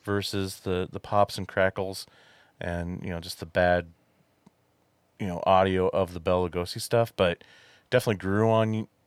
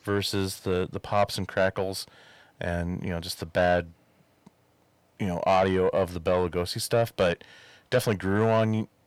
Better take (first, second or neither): first